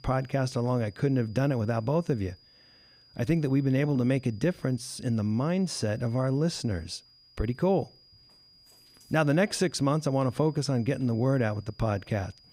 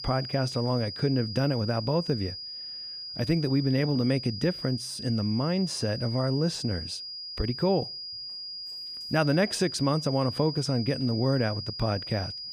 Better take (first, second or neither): first